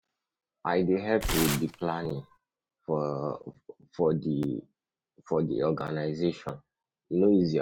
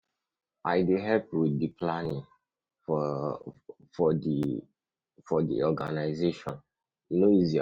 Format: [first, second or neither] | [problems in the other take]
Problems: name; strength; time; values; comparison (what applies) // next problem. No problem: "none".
second | background sound (Tearing); 5 dB below the speech